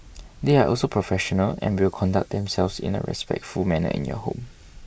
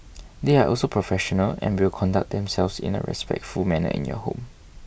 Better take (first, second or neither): second